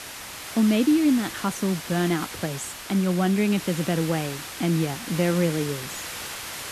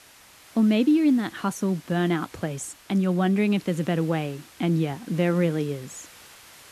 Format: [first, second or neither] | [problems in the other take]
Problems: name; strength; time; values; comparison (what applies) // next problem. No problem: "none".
second | hiss; loud; throughout; 10 dB below the speech; faint in the second